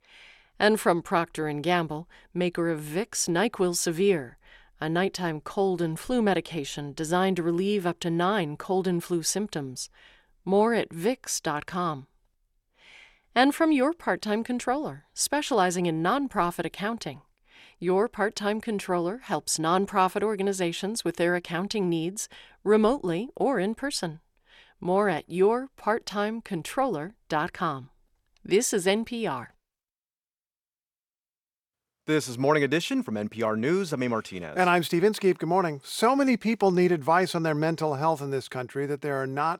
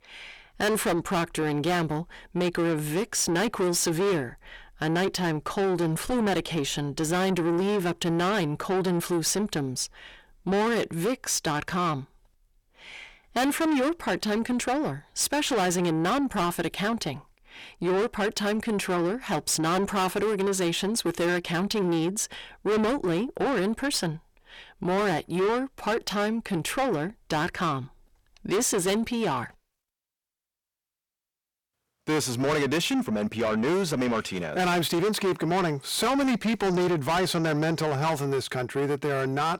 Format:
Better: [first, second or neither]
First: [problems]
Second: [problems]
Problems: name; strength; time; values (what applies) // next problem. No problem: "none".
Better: first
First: none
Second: distortion; heavy; 6 dB below the speech